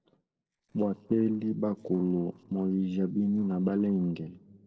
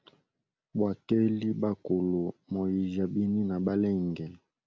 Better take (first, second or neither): second